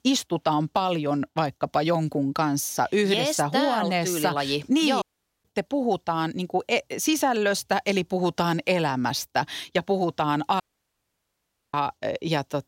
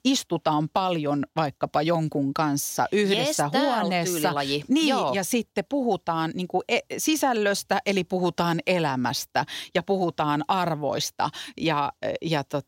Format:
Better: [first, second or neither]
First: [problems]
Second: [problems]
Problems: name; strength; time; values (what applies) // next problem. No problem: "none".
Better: second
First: audio cutting out; at 5 s and at 11 s for 1 s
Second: none